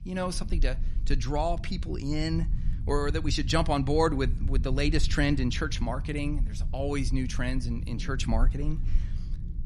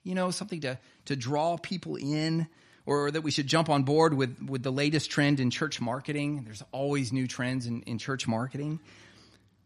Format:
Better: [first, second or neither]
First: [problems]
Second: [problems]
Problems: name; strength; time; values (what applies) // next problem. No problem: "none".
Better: second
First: low rumble; noticeable; throughout; 20 dB below the speech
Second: none